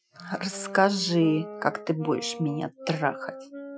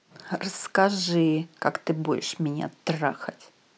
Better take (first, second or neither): second